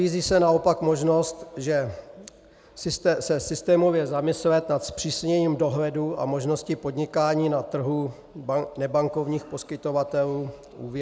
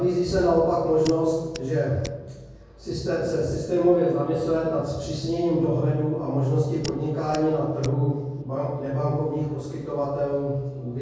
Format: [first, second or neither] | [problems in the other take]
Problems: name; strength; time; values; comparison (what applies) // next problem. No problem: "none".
first | background sound (Hands); 19 dB below the speech // room echo; dies away in 1.3 s